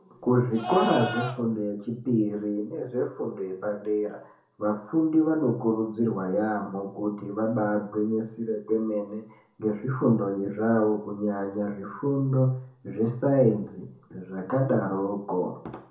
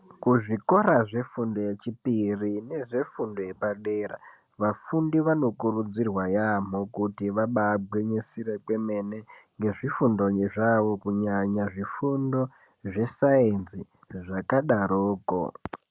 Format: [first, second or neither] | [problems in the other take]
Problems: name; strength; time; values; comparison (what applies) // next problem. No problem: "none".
second | background sound (Livestock, farm animals, working animals); 7 dB below the speech // room echo; dies away in 0.6 s